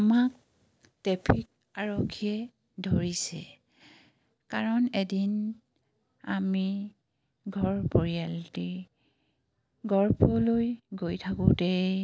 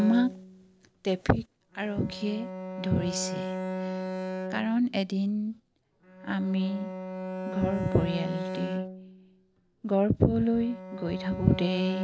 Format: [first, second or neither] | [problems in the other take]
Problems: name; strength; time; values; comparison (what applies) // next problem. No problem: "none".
first | background sound (Bowed string instrument); 8 dB below the speech